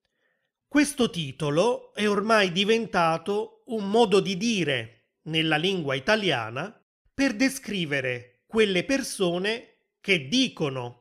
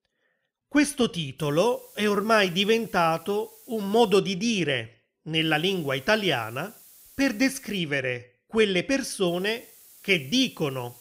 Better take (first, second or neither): first